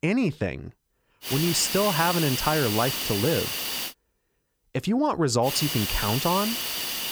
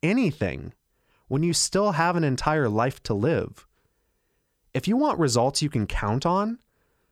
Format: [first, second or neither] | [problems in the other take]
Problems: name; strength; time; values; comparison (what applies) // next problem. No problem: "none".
second | hiss; loud; from 1.5 to 4 s and from 5.5 s on; 2 dB below the speech